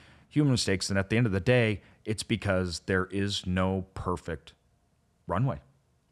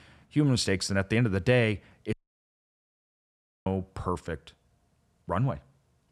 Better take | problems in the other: first | audio cutting out; at 2 s for 1.5 s

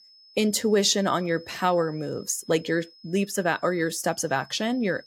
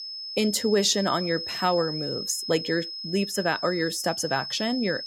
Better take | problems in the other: first | high-pitched whine; loud; throughout; 5 kHz, 6 dB below the speech; faint in the first

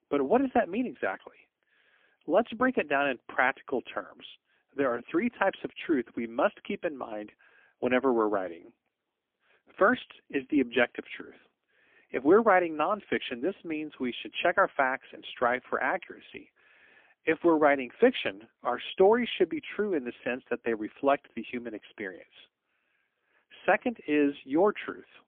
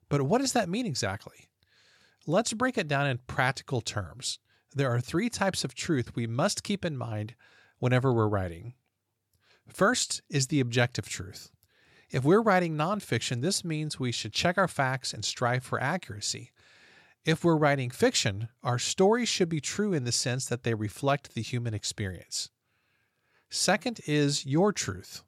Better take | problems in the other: second | phone-call audio; poor line; nothing above 3.5 kHz

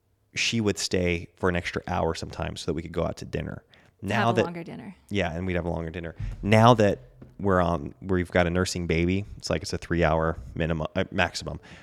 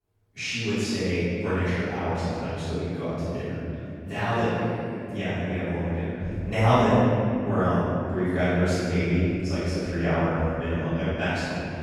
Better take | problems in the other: first | off-mic speech; far // room echo; strong; dies away in 3 s

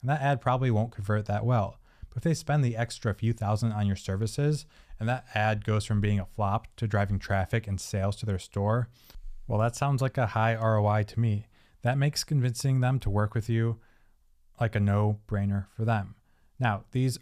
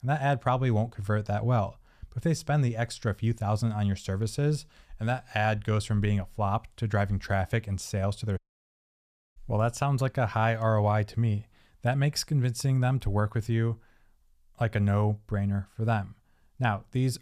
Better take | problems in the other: first | audio cutting out; at 8.5 s for 1 s

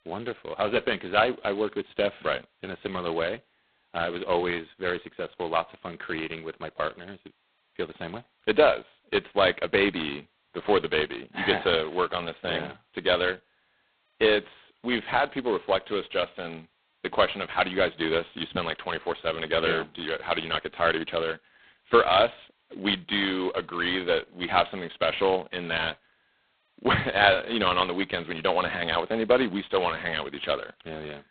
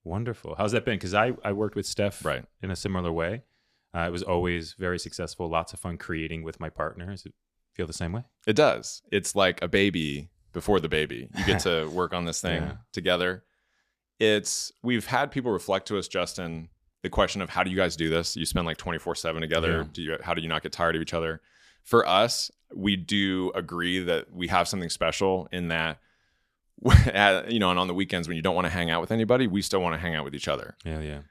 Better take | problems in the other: second | phone-call audio; poor line; nothing above 4 kHz

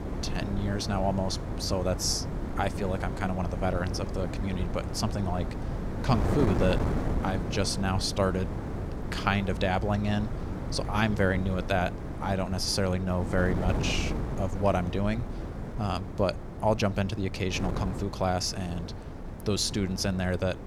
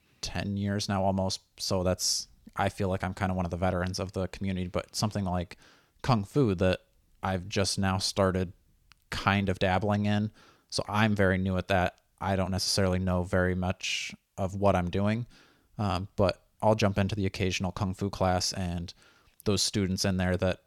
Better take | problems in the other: second | wind noise on the microphone; heavy; 8 dB below the speech

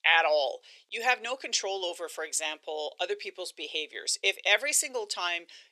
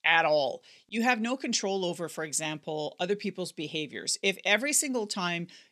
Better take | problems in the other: second | thin; very; fading below 400 Hz

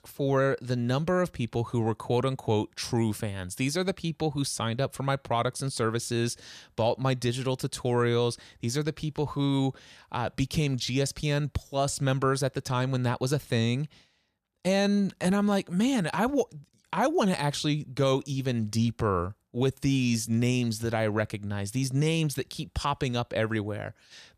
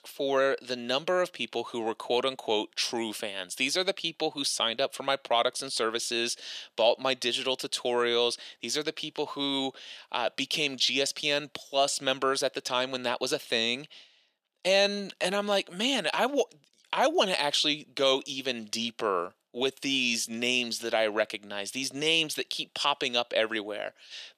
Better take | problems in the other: first | thin; somewhat; fading below 300 Hz

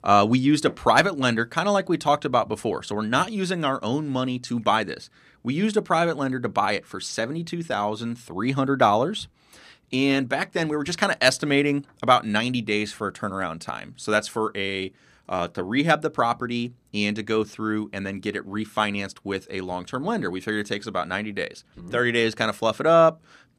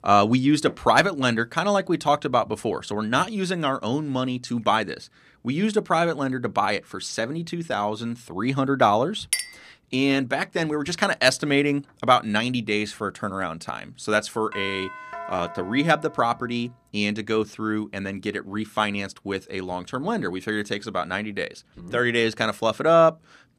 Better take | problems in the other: first | clattering dishes; noticeable; at 9.5 s; peak 2 dB below the speech // doorbell; faint; from 15 to 16 s; peak 10 dB below the speech

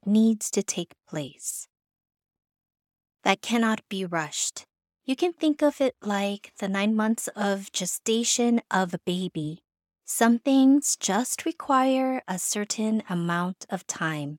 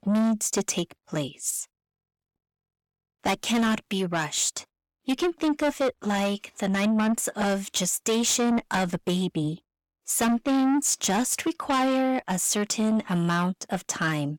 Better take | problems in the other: first | distortion; heavy; 7 dB below the speech

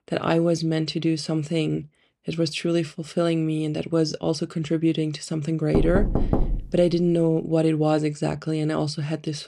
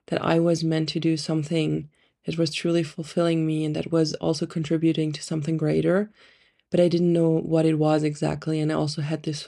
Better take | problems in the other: second | door banging; noticeable; at 5.5 s; peak 1 dB below the speech

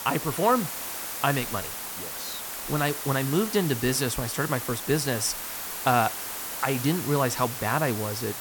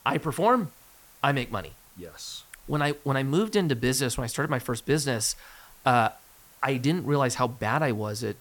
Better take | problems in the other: second | hiss; loud; throughout; 5 dB below the speech; faint in the second

